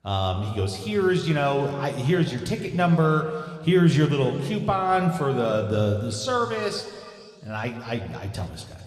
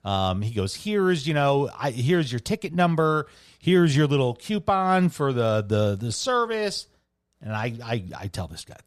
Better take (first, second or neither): second